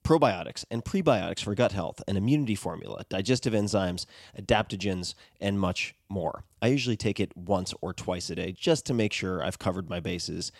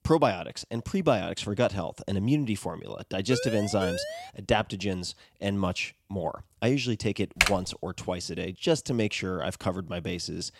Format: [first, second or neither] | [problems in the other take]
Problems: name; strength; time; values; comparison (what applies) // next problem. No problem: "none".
first | siren; noticeable; from 3.5 to 4.5 s; peak 4 dB below the speech // keyboard typing; loud; at 7.5 s; peak 5 dB above the speech